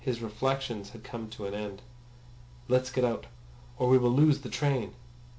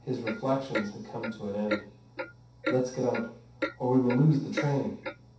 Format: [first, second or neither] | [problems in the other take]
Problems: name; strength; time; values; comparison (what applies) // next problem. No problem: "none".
first | background sound (Clock); 8 dB below the speech // room echo; dies away in 0.7 s